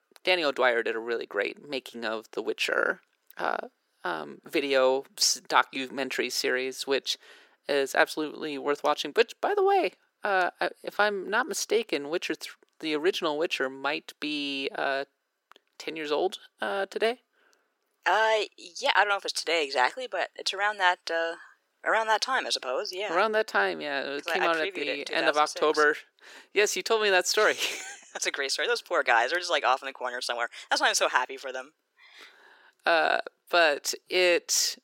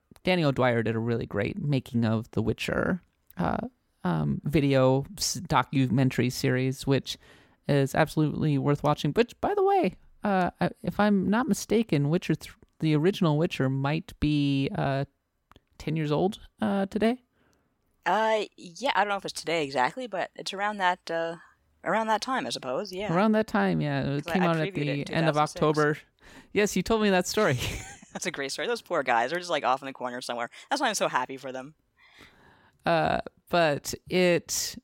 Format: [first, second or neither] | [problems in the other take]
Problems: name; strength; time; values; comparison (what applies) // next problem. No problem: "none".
second | thin; very; fading below 400 Hz